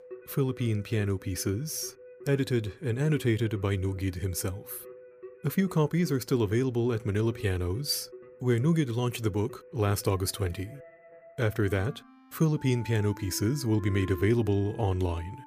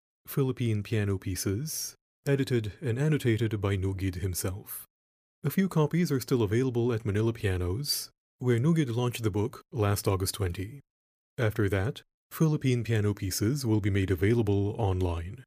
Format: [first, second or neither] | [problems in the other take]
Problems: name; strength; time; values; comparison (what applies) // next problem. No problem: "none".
second | background music; noticeable; throughout; 20 dB below the speech